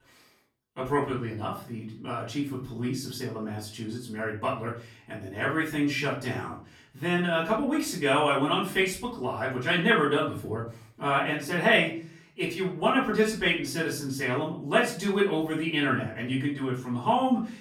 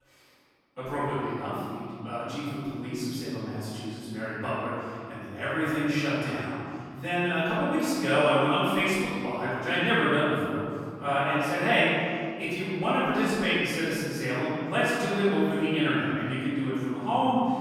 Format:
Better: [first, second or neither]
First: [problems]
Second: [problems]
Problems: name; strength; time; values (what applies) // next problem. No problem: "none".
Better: first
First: room echo; slight; dies away in 0.5 s // off-mic speech; far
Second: room echo; strong; dies away in 2.1 s // off-mic speech; far